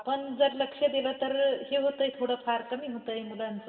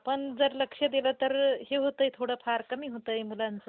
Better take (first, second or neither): second